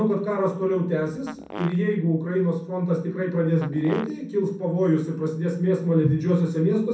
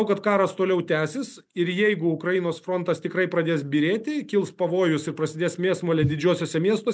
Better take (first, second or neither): second